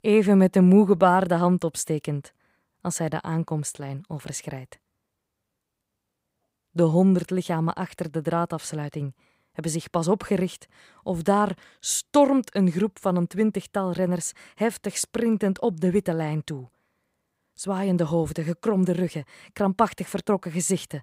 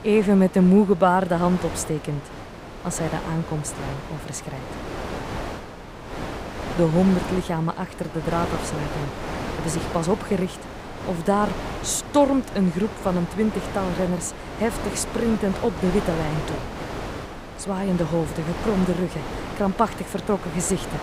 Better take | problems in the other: first | wind noise on the microphone; heavy; 7 dB below the speech

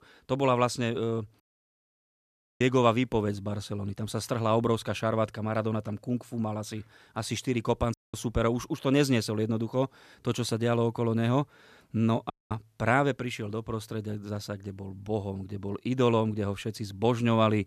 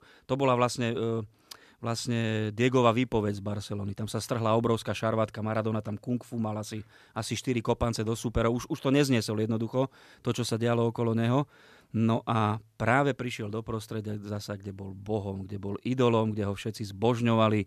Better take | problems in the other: second | audio cutting out; at 1.5 s for 1 s, at 8 s and at 12 s

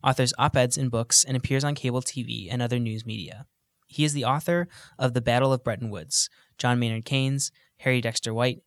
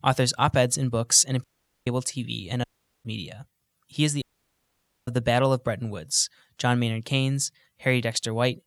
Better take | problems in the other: first | audio cutting out; at 1.5 s, at 2.5 s and at 4 s for 1 s

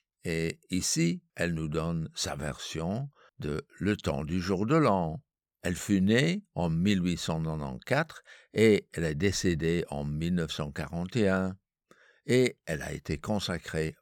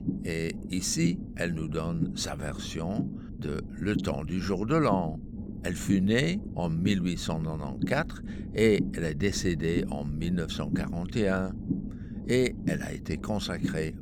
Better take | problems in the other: first | low rumble; noticeable; throughout; 10 dB below the speech

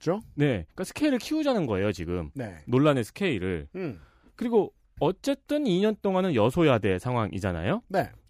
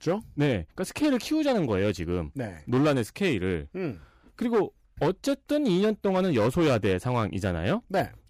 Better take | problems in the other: first | distortion; slight; 7% of the sound clipped

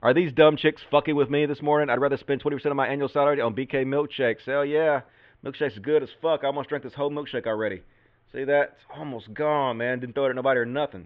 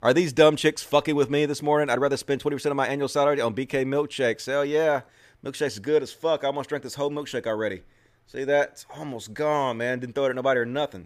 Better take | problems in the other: second | muffled; very; fading above 3 kHz

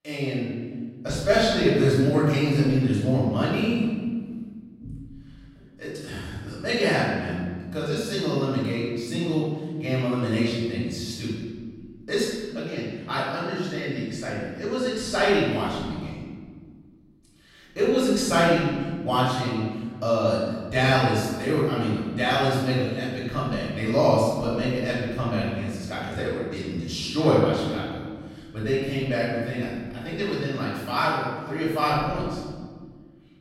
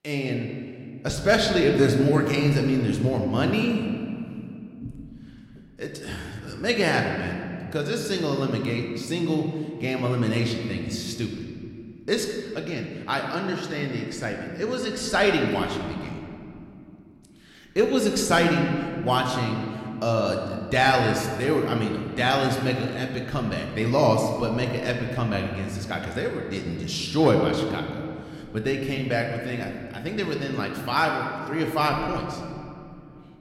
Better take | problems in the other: second | room echo; strong; dies away in 1.6 s; slight in the second // off-mic speech; far

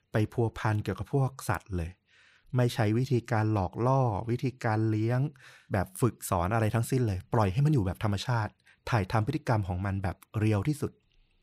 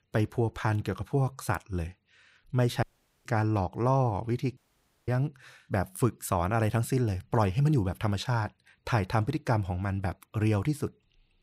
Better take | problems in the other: first | audio cutting out; at 3 s and at 4.5 s for 0.5 s

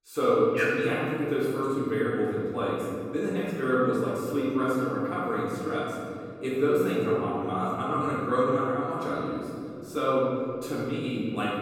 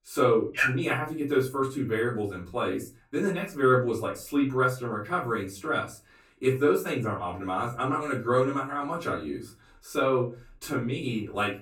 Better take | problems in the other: second | room echo; strong; dies away in 2.6 s; slight in the second // off-mic speech; far; far in the second

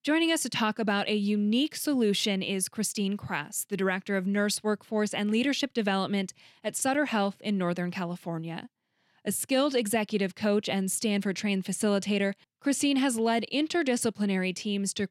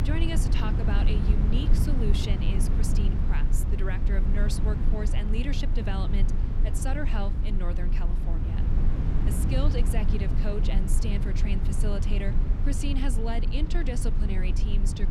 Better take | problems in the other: first | low rumble; loud; throughout; 3 dB below the speech

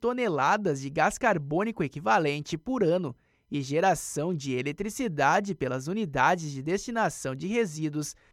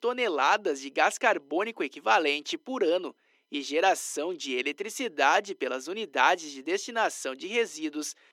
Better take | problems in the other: first | thin; somewhat; fading below 300 Hz

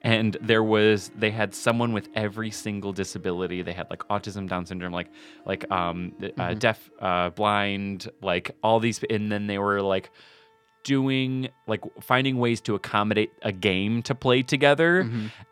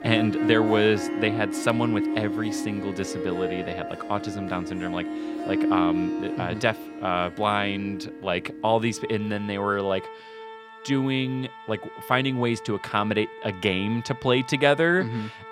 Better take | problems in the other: first | background music; loud; throughout; 6 dB below the speech; faint in the first

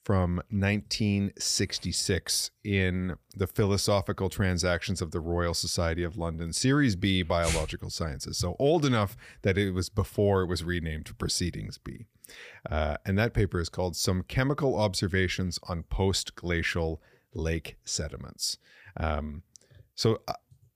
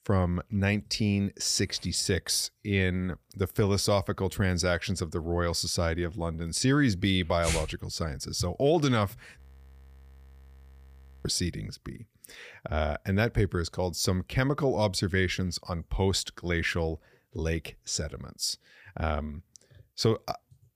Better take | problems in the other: first | audio freezing; at 9.5 s for 2 s

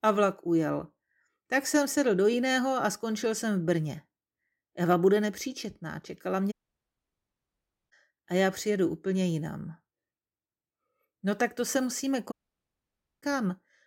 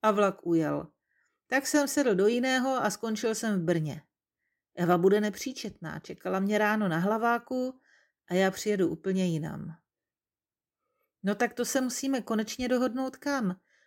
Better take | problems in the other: second | audio cutting out; at 6.5 s for 1.5 s and at 12 s for 1 s

